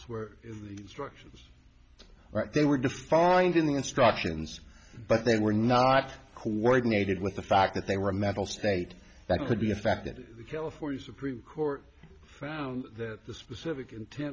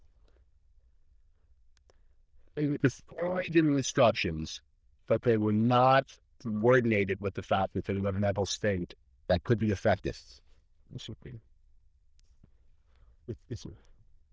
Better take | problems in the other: first | noise reduction (neural diffusion model UNIVERSE++)

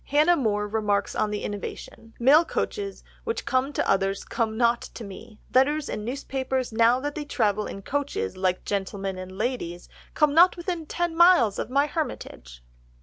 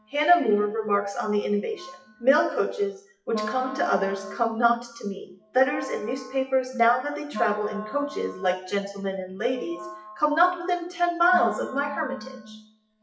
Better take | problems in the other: first | noise reduction (classical method WPE with log-MMSE)

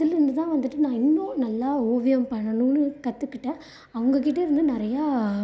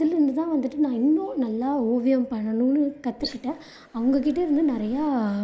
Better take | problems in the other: first | noise reduction (neural mask model Resemble Enhance denoiser)

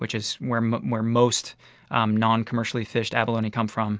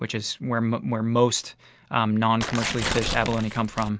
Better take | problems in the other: first | background sound (Tearing); 5 dB below the speech

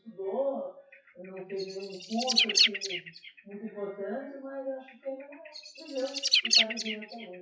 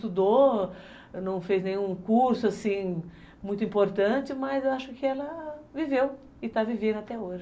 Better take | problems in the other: second | noise reduction (classical method WPE with log-MMSE)

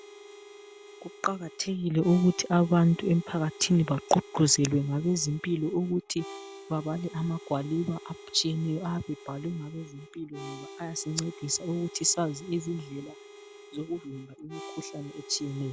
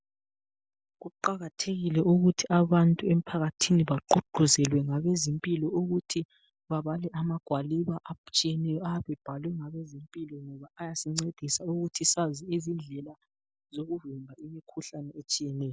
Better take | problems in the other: second | background sound (Harmonica); 17 dB below the speech

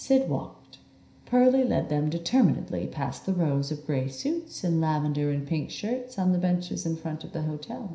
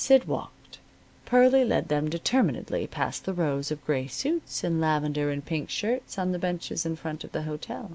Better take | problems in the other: second | room echo; dies away in 0.5 s

